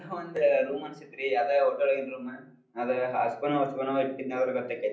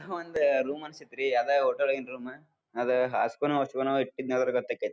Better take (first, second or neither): second